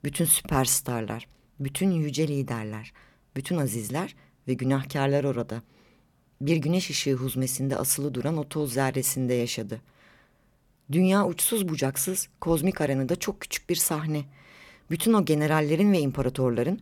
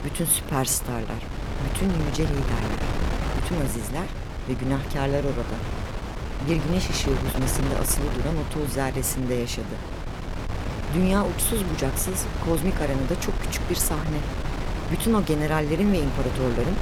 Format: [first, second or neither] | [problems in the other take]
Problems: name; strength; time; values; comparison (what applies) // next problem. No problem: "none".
first | wind noise on the microphone; heavy; 5 dB below the speech